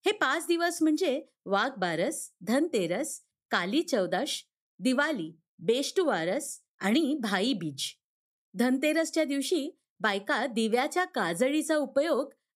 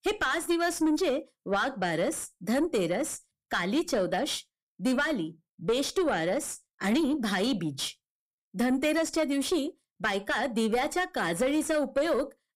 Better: first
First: none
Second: distortion; slight; 9 dB below the speech

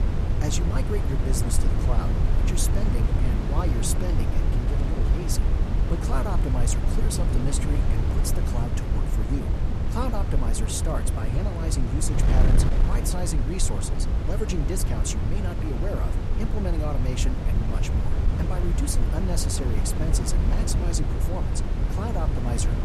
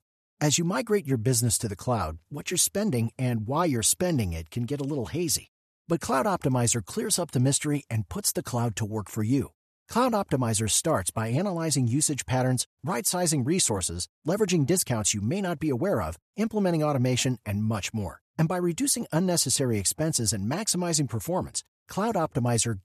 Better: second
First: wind noise on the microphone; heavy; 2 dB below the speech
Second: none

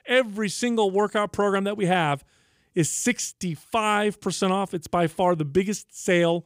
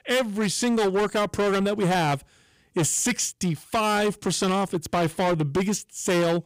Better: first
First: none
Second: distortion; heavy; 19% of the sound clipped

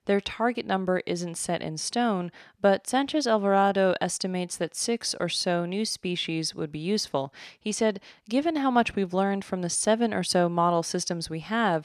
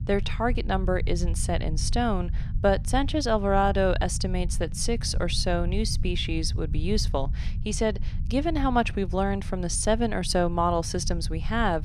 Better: first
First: none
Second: low rumble; faint; throughout; 20 dB below the speech

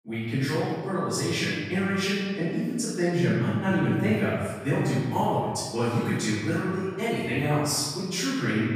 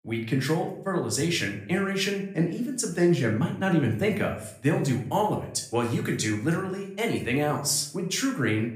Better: second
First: room echo; strong; dies away in 1.4 s // off-mic speech; far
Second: room echo; slight; dies away in 0.5 s // off-mic speech; somewhat distant

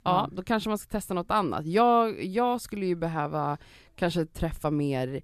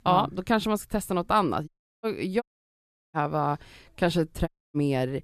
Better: first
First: none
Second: audio cutting out; at 1.5 s, at 2.5 s for 0.5 s and at 4.5 s

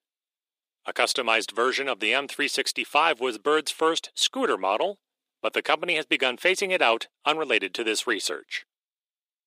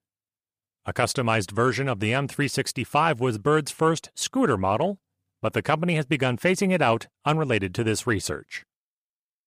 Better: second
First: thin; somewhat; fading below 300 Hz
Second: none

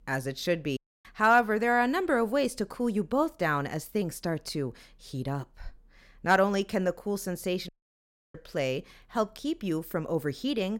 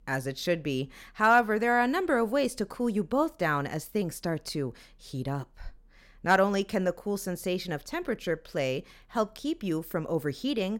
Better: second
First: audio cutting out; at 1 s and at 7.5 s for 0.5 s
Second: none

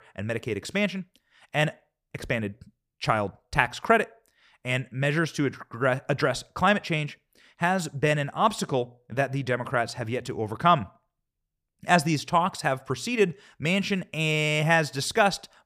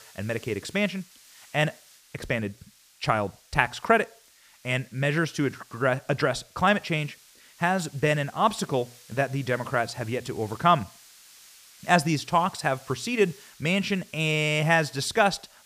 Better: first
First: none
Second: hiss; faint; throughout; 25 dB below the speech

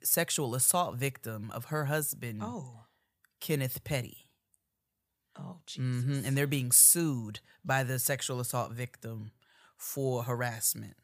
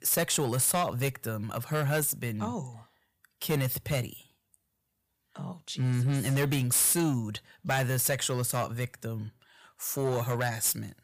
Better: first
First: none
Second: distortion; heavy; 8% of the sound clipped

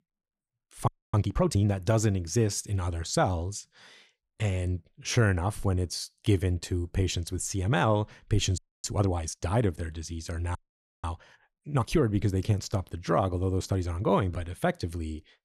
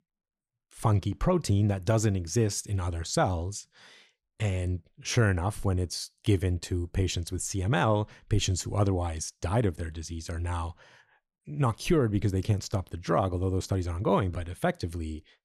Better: second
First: audio freezing; at 1 s, at 8.5 s and at 11 s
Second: none

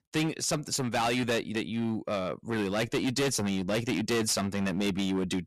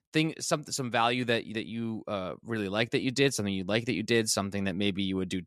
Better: second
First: distortion; heavy; 16% of the sound clipped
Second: none

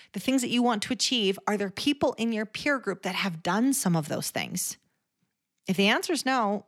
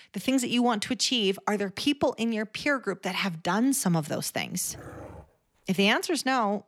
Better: first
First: none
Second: dog barking; faint; at 4.5 s; peak 15 dB below the speech

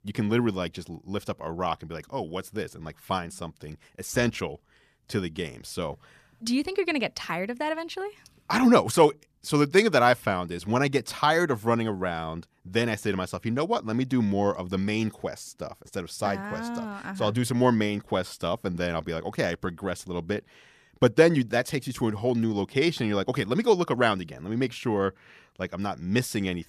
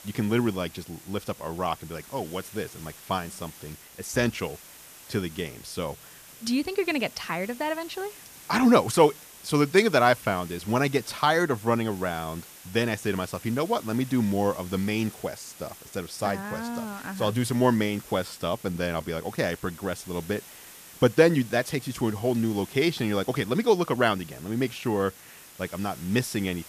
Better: first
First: none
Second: hiss; noticeable; throughout; 20 dB below the speech

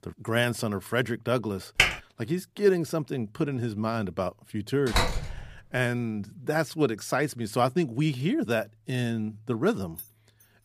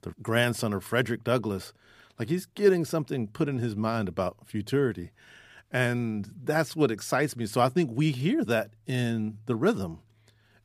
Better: second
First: keyboard typing; loud; at 2 s; peak 5 dB above the speech // door banging; loud; at 5 s; peak 1 dB above the speech // jangling keys; faint; at 10 s; peak 15 dB below the speech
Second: none

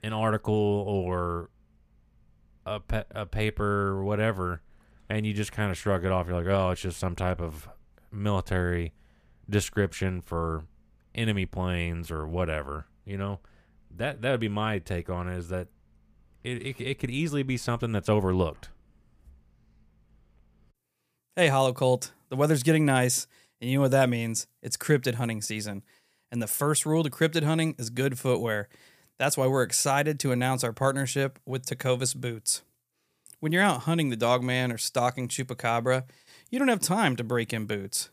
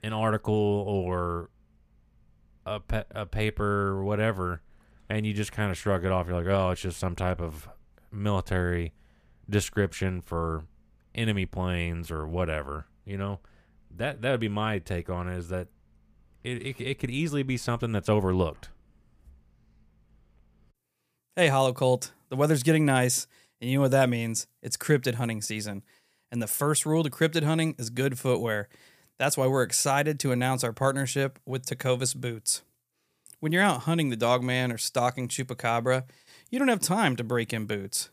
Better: neither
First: none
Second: none

